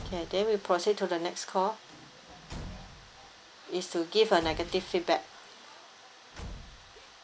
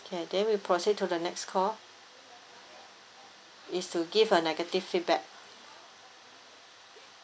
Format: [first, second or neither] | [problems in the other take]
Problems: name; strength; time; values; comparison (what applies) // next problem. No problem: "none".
second | background sound (Slam / Truck / Car); 16 dB below the speech